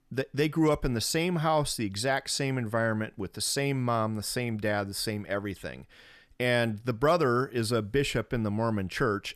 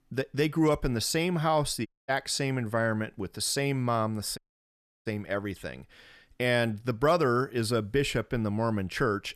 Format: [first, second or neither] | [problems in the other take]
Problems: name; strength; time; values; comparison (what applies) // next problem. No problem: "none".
first | audio cutting out; at 2 s and at 4.5 s for 0.5 s